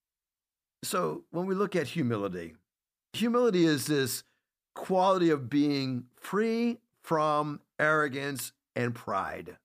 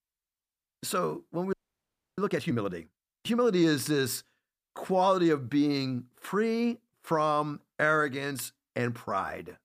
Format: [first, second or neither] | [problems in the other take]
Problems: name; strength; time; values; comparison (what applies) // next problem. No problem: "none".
first | audio freezing; at 1.5 s for 0.5 s